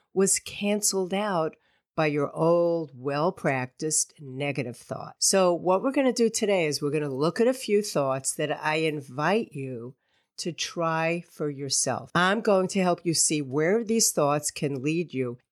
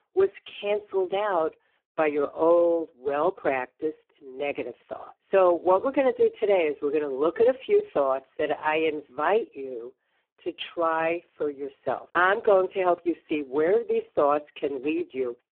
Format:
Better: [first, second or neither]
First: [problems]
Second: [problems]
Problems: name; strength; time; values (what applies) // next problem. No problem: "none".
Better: first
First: none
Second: phone-call audio; poor line